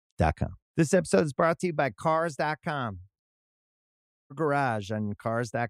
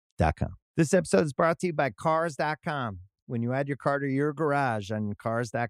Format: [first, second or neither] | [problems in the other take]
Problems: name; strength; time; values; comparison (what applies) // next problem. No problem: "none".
second | audio cutting out; at 3 s for 1 s